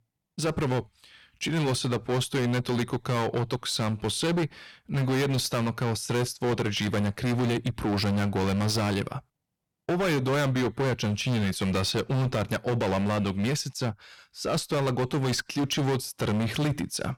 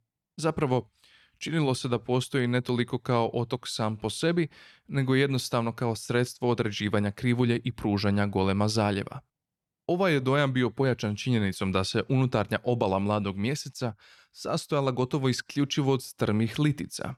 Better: second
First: distortion; heavy; 23% of the sound clipped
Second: none

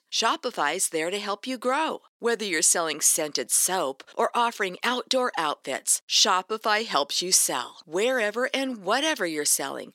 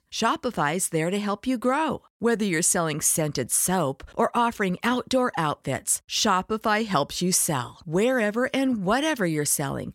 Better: second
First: thin; somewhat; fading below 300 Hz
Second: none

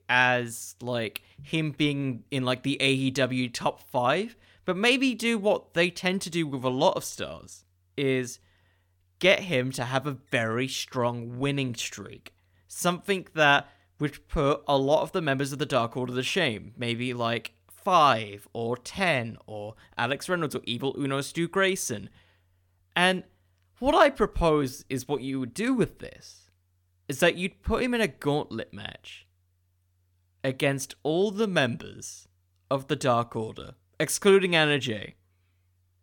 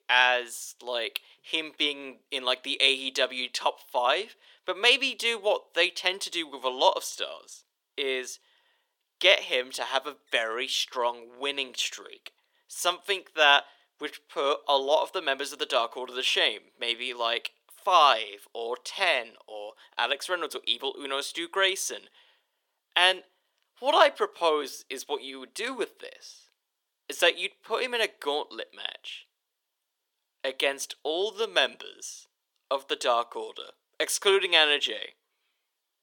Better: first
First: none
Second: thin; very; fading below 400 Hz

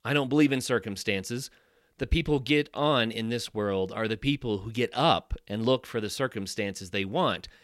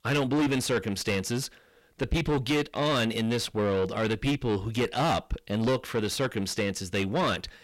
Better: first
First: none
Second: distortion; heavy; 6 dB below the speech

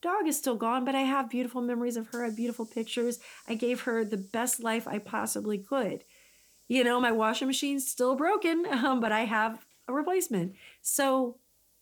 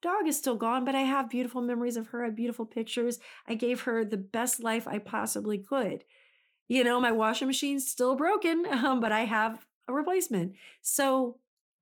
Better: second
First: hiss; faint; throughout; 30 dB below the speech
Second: none

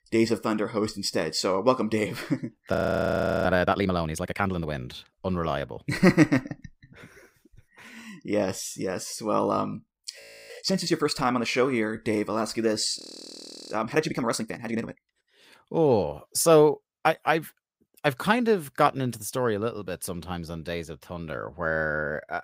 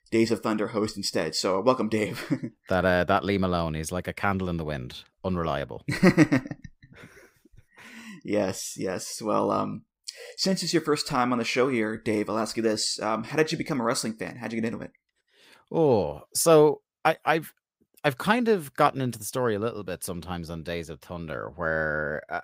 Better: second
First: audio freezing; at 2.5 s for 0.5 s, at 10 s and at 13 s for 0.5 s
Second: none

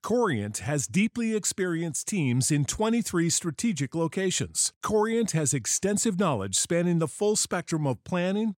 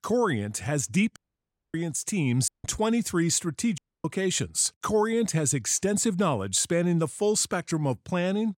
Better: first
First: none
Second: audio cutting out; at 1 s for 0.5 s, at 2.5 s and at 4 s

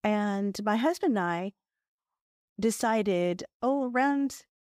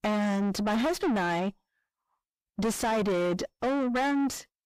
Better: first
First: none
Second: distortion; heavy; 5 dB below the speech

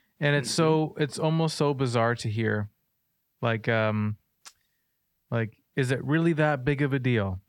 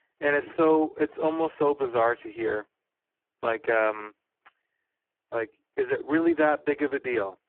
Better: first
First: none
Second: phone-call audio; poor line

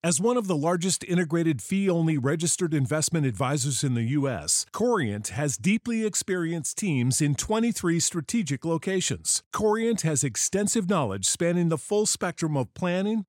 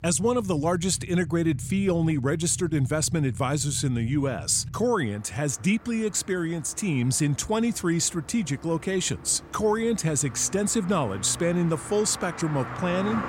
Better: first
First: none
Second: traffic noise; noticeable; throughout; 15 dB below the speech

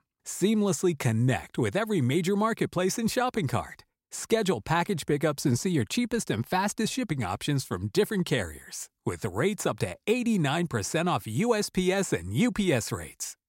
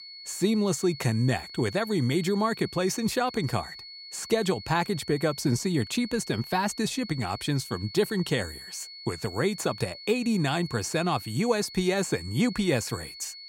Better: first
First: none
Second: high-pitched whine; noticeable; throughout; 4.5 kHz, 15 dB below the speech

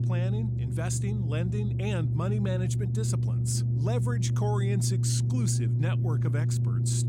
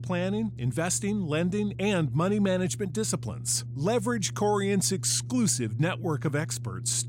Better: second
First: low rumble; loud; throughout; 3 dB below the speech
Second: low rumble; faint; throughout; 20 dB below the speech

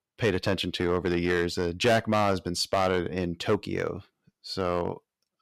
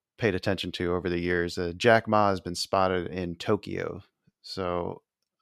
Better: second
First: distortion; heavy; 4% of the sound clipped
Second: none

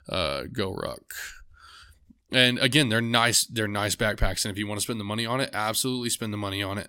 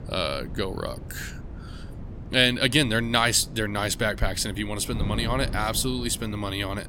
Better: first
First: none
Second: wind noise on the microphone; occasional gusts; 20 dB below the speech

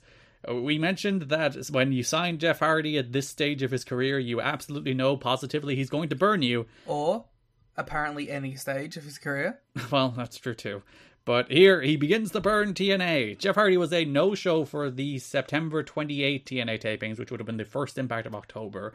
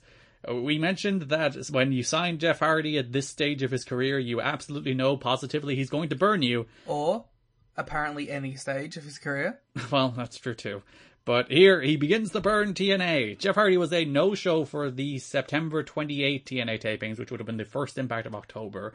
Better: first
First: none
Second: garbled, watery; slightly

